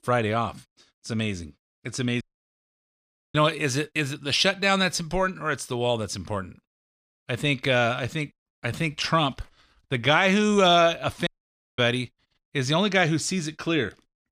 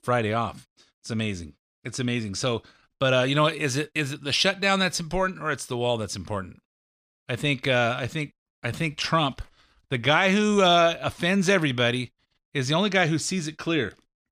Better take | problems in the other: second | audio cutting out; at 2 s for 1 s and at 11 s for 0.5 s

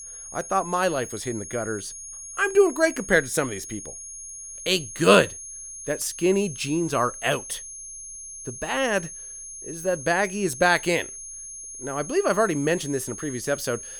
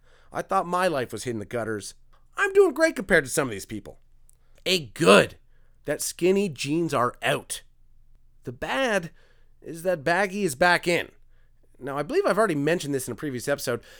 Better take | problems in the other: second | high-pitched whine; noticeable; throughout; 6.5 kHz, 10 dB below the speech

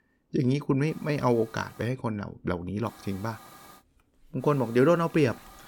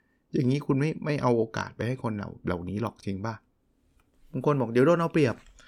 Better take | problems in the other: second | hiss; faint; from 1 to 2 s, at 3 s and from 4.5 s on; 25 dB below the speech

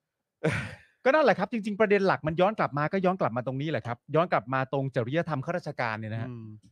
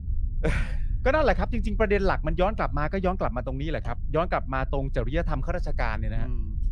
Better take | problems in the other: first | low rumble; faint; throughout; 25 dB below the speech

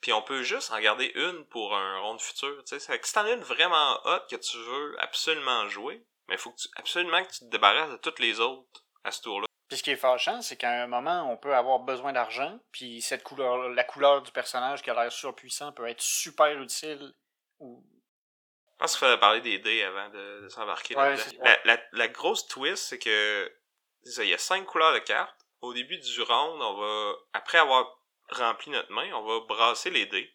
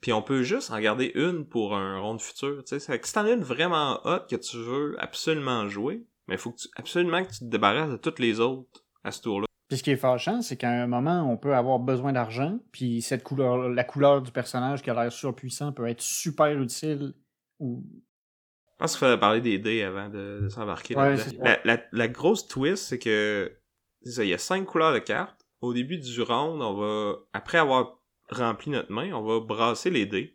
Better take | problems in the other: second | thin; very; fading below 750 Hz

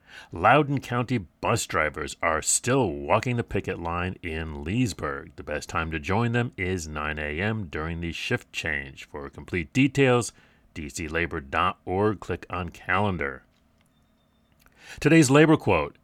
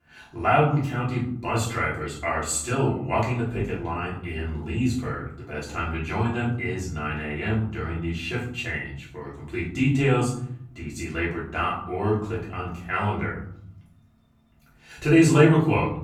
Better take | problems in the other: first | off-mic speech; far // room echo; noticeable; dies away in 0.8 s

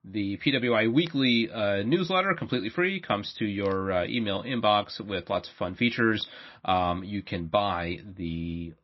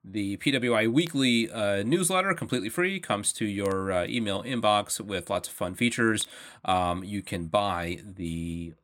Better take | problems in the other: second | garbled, watery; slightly; nothing above 5.5 kHz

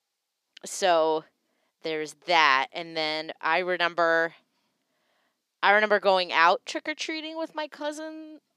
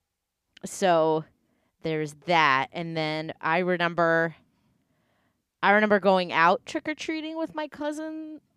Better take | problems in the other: second | thin; somewhat; fading below 400 Hz

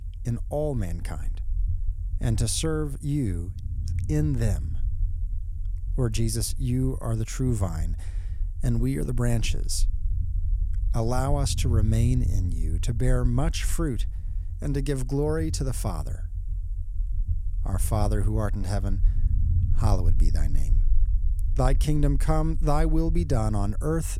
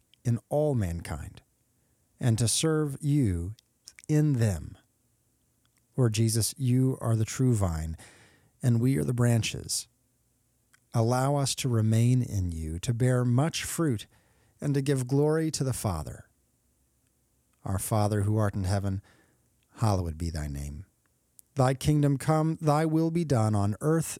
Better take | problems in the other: second | low rumble; noticeable; throughout; 15 dB below the speech

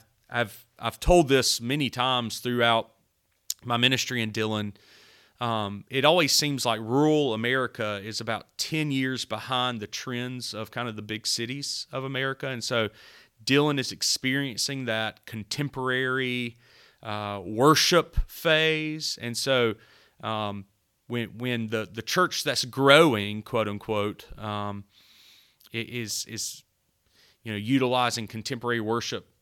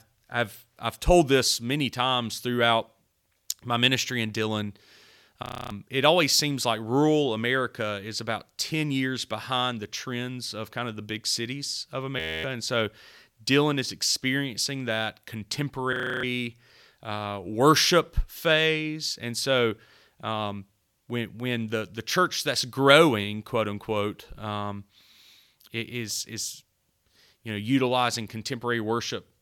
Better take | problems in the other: first | audio freezing; at 5.5 s, at 12 s and at 16 s

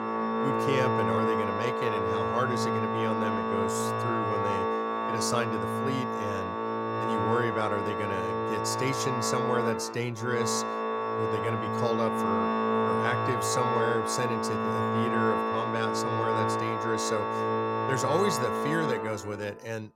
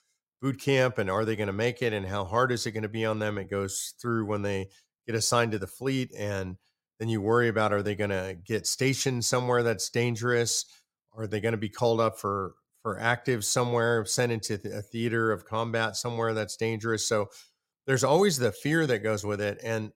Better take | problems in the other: second | background music; very loud; throughout; 3 dB above the speech

